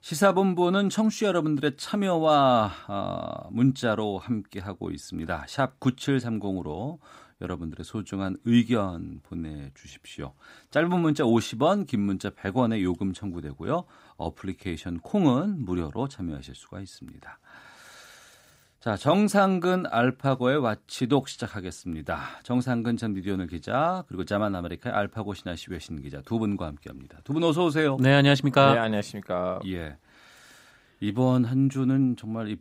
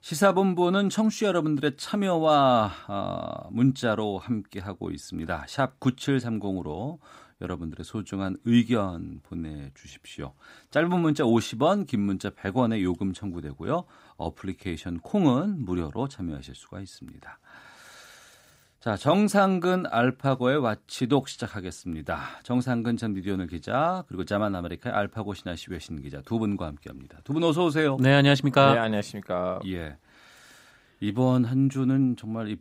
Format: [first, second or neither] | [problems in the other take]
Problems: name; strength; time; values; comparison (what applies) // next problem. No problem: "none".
neither | none